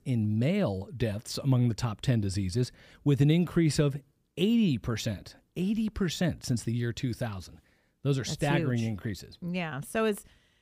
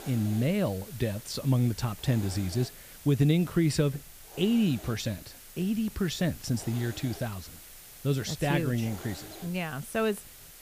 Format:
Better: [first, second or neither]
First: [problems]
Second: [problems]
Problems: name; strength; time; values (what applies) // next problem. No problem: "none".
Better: first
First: none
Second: hiss; noticeable; throughout; 15 dB below the speech